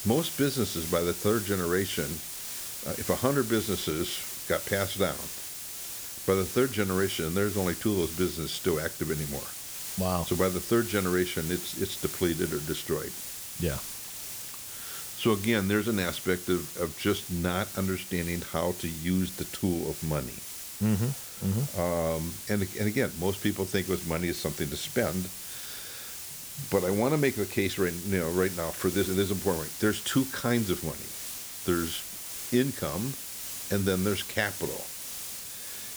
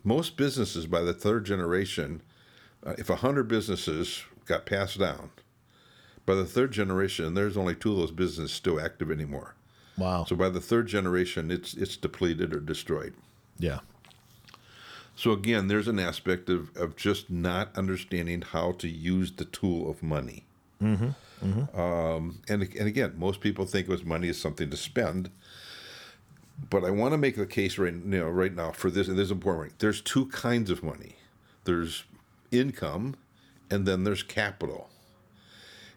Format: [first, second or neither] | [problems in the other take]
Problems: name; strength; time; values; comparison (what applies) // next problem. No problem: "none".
second | hiss; loud; throughout; 6 dB below the speech